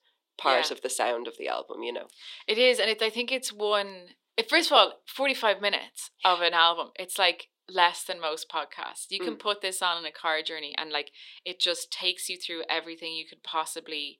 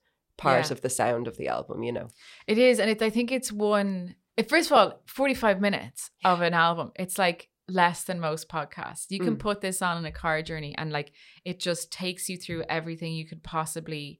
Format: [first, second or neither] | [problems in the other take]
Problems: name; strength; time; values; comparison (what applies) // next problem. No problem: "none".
second | thin; somewhat; fading below 300 Hz